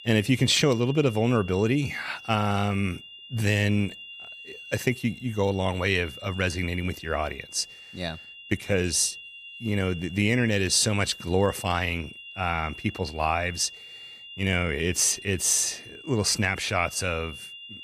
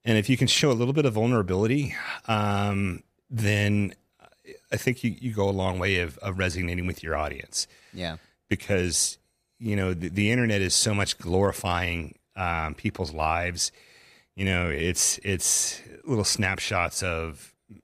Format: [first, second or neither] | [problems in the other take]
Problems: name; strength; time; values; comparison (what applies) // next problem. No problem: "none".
second | high-pitched whine; noticeable; throughout; 3 kHz, 15 dB below the speech